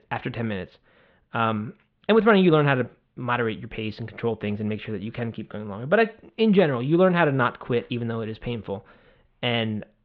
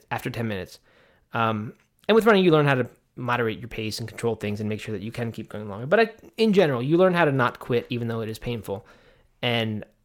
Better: second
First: muffled; slightly; fading above 3.5 kHz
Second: none

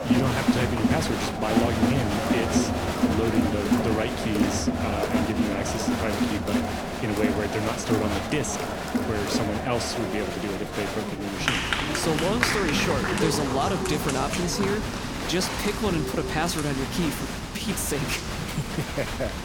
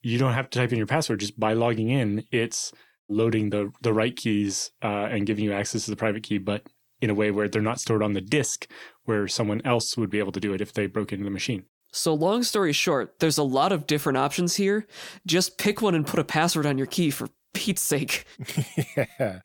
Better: second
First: crowd noise; very loud; throughout; 2 dB above the speech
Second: none

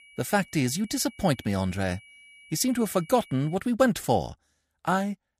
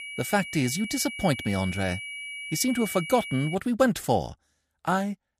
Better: first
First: high-pitched whine; faint; until 3.5 s; 2.5 kHz, 25 dB below the speech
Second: high-pitched whine; loud; until 3.5 s; 2.5 kHz, 8 dB below the speech

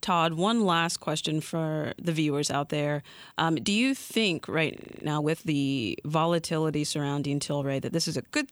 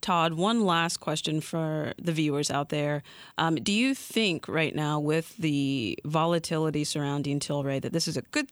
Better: second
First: audio freezing; at 4.5 s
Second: none

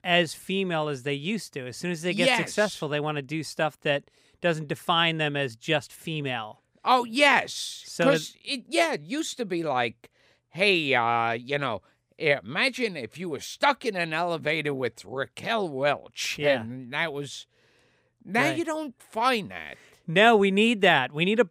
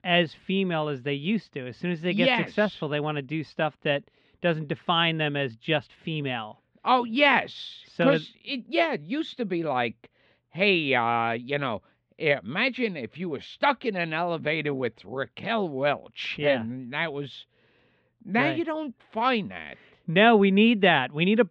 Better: first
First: none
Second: muffled; slightly; fading above 3.5 kHz

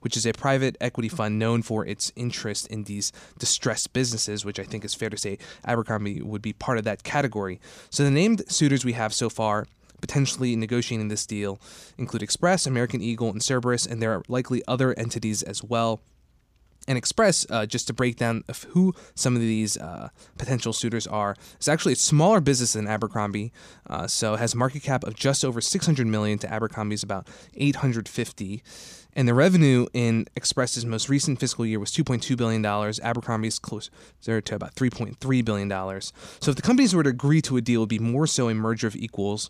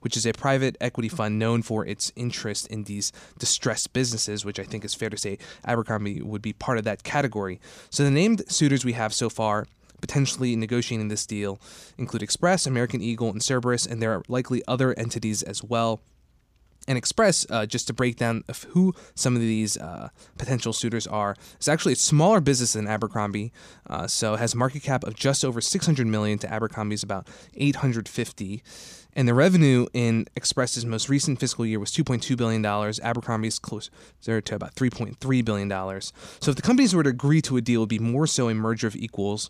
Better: neither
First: none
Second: none

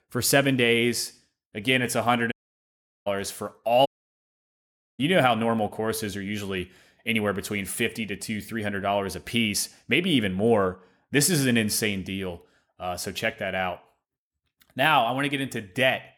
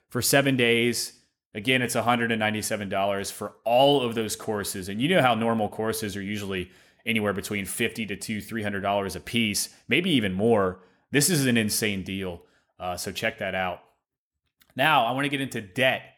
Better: second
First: audio cutting out; at 2.5 s for 0.5 s and at 4 s for 1 s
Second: none

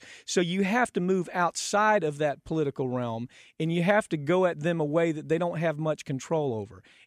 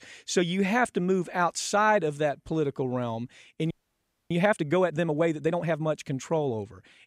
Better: first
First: none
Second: audio freezing; at 3.5 s for 0.5 s

